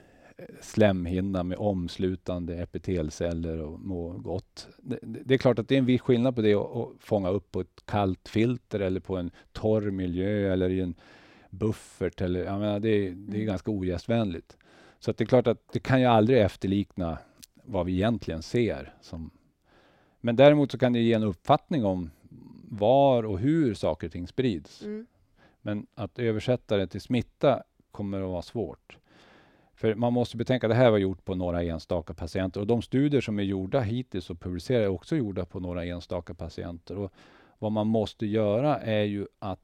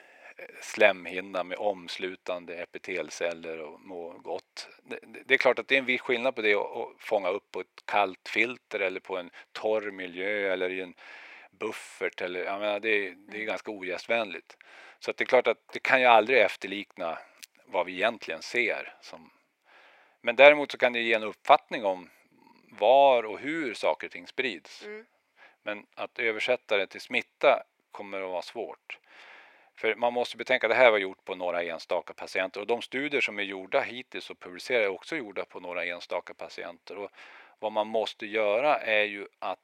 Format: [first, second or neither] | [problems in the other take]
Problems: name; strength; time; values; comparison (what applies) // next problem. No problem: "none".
first | thin; very; fading below 600 Hz